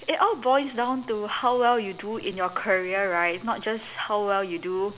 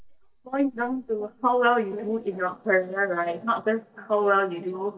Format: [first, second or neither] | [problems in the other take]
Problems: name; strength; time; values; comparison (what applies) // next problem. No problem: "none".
first | noise reduction (neural mask model DeepFilterNet 3)